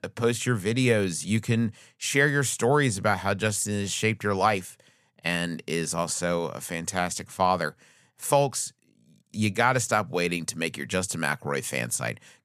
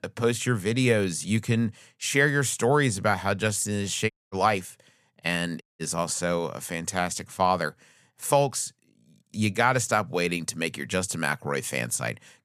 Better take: first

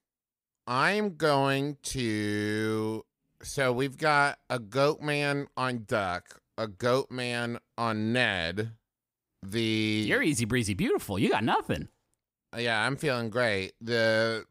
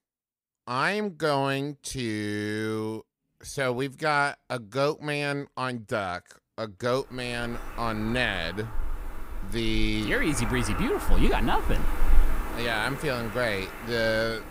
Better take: first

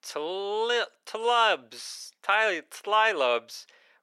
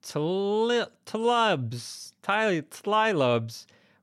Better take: second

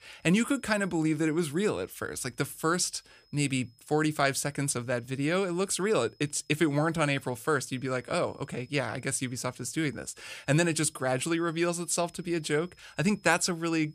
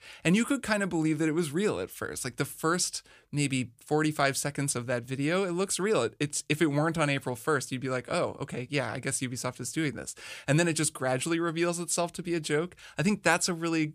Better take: second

